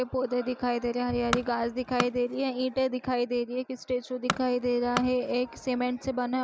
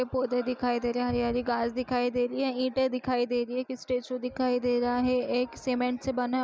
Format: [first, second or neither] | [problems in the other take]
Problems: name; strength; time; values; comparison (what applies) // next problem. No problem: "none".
second | background sound (Tools); 9 dB below the speech